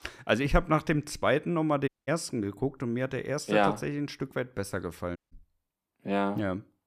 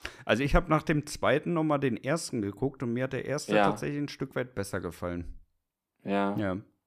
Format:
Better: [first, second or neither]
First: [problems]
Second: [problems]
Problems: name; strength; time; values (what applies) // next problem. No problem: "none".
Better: second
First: audio cutting out; at 2 s and at 5 s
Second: none